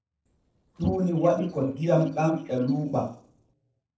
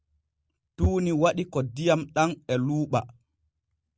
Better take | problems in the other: second | noise reduction (neural separator model SepFormer DNS4)

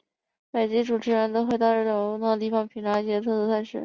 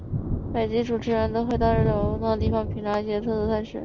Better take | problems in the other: first | background sound (Thunder); 3 dB below the speech

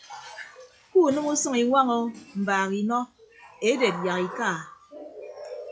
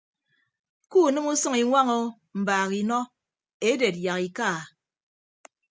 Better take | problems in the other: second | noise reduction (classical method log-MMSE)

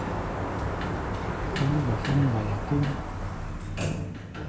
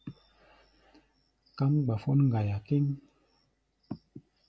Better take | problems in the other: second | background sound (Sliding door); 1 dB above the speech

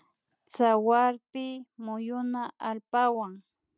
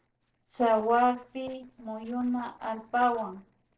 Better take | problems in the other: first | noise reduction (neural separator model SepFormer DNS4)

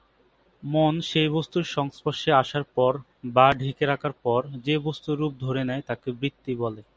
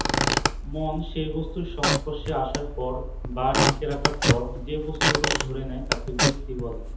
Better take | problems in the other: first | background sound (Squeak / Wood); 5 dB above the speech // room echo; dies away in 0.7 s

